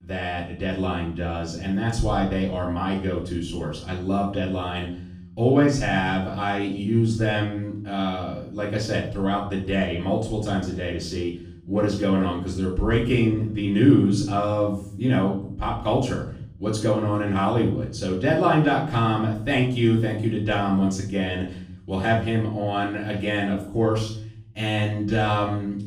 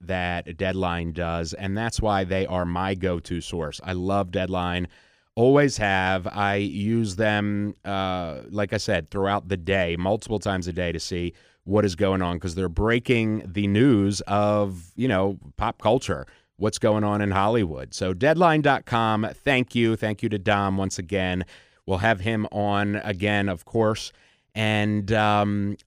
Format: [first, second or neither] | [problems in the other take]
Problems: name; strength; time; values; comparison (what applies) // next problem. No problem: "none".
second | room echo; noticeable; dies away in 0.8 s // off-mic speech; far